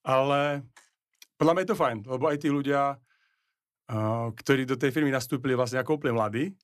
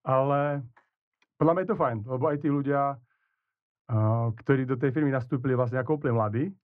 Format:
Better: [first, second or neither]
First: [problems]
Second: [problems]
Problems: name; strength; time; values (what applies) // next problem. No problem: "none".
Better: first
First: none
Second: muffled; very; fading above 1 kHz